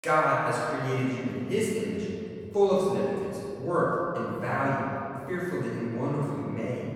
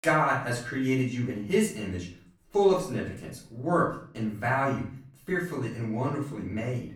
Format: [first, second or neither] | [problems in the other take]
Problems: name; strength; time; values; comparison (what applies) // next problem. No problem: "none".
second | room echo; strong; dies away in 2.3 s; slight in the second // off-mic speech; far; far in the second